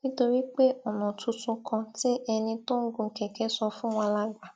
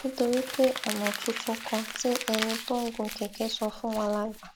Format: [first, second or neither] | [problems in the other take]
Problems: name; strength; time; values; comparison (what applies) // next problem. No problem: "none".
first | background sound (Crumpling, crinkling); 8 dB below the speech